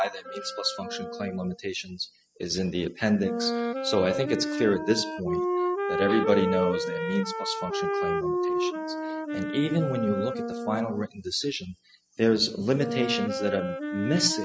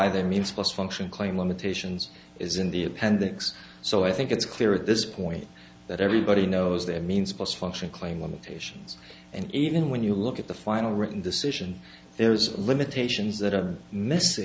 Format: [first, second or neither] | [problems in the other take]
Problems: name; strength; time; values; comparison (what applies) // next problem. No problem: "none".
second | noise reduction (classical method spectral subtraction)